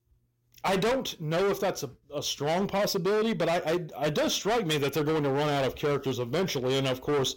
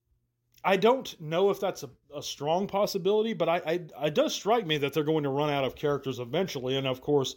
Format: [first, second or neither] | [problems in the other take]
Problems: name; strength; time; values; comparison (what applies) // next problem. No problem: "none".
second | distortion; heavy; 23% of the sound clipped